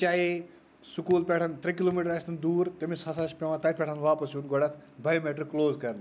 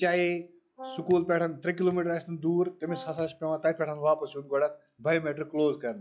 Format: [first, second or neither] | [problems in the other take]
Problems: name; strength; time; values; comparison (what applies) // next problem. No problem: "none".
first | noise reduction (classical method log-MMSE)